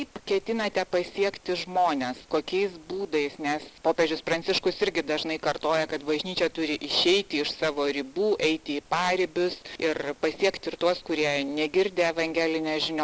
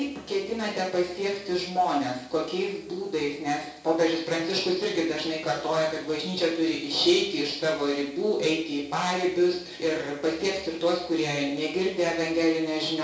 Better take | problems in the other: first | room echo; dies away in 0.5 s

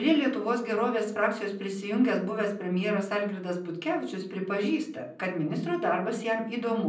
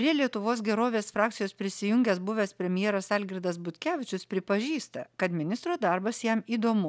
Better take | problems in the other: second | room echo; dies away in 0.6 s

